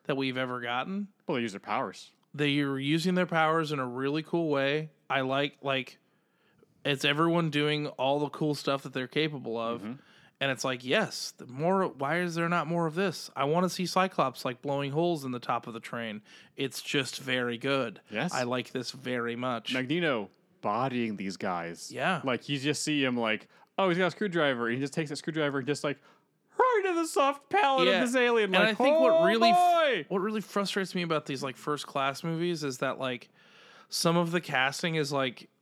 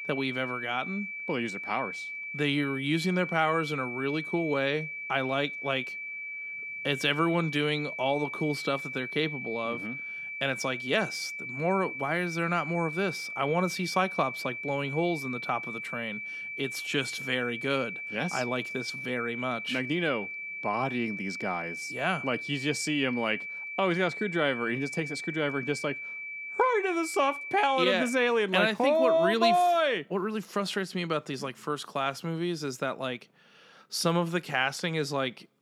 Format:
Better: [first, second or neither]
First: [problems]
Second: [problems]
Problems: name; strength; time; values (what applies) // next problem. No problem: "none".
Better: first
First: none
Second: high-pitched whine; loud; until 28 s; 2.5 kHz, 6 dB below the speech